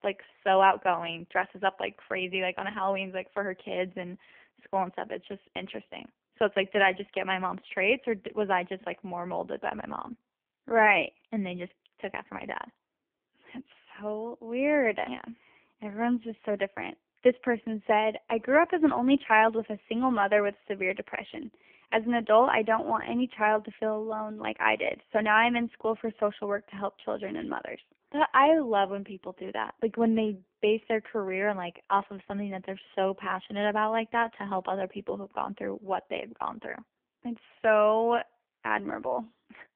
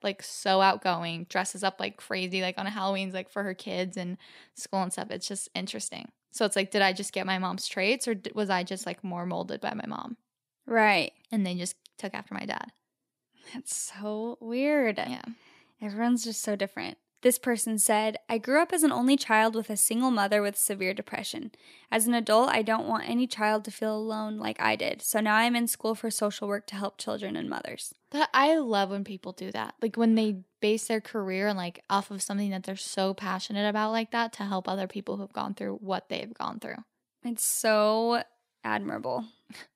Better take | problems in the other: second | phone-call audio; poor line; nothing above 3 kHz

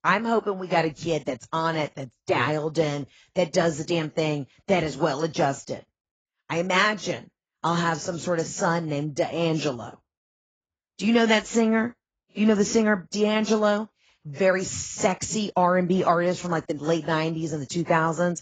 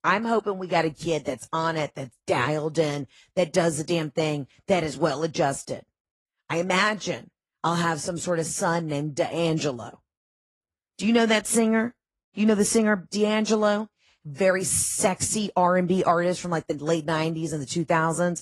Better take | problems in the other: second | garbled, watery; badly; nothing above 7.5 kHz; slightly in the second

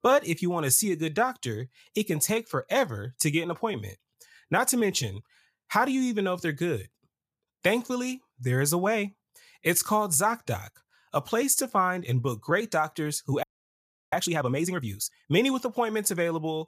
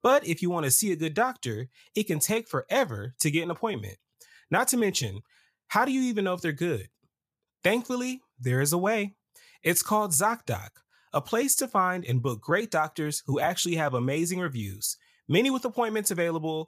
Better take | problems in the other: second | audio freezing; at 13 s for 0.5 s

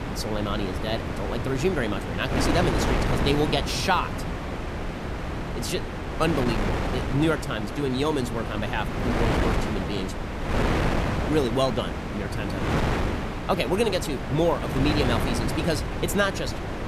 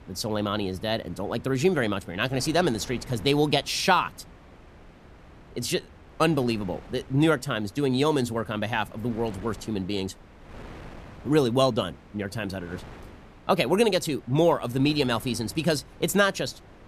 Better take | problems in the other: second | wind noise on the microphone; heavy; 2 dB below the speech; occasional gusts in the second

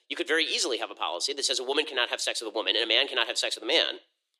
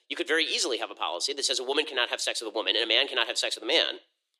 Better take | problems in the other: neither | thin; very; fading below 350 Hz; the same in both

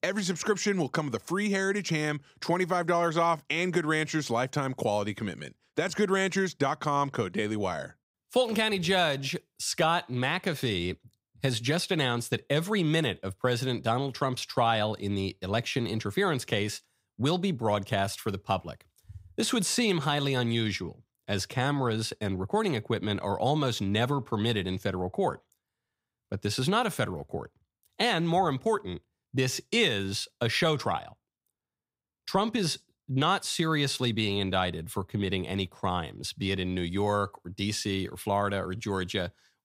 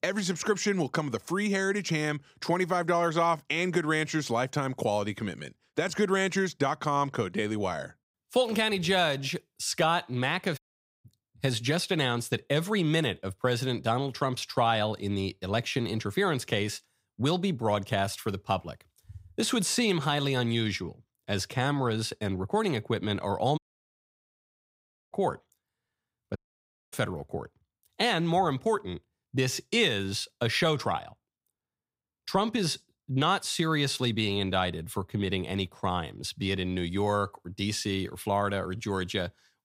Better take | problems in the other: first | audio cutting out; at 11 s, at 24 s for 1.5 s and at 26 s for 0.5 s

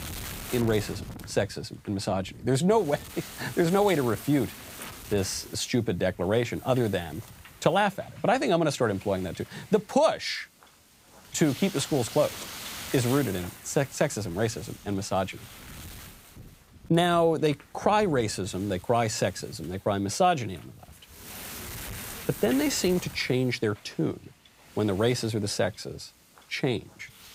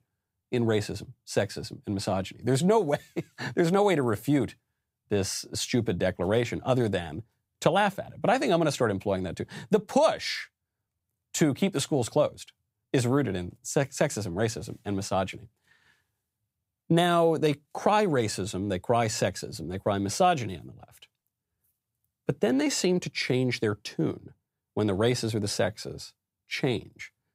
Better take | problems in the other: second | wind noise on the microphone; occasional gusts; 15 dB below the speech

